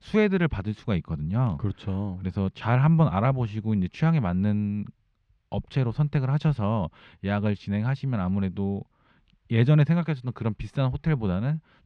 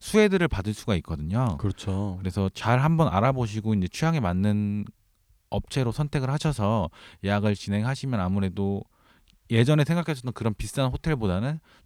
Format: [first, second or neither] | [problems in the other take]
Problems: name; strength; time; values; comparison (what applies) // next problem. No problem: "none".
second | muffled; slightly; fading above 2.5 kHz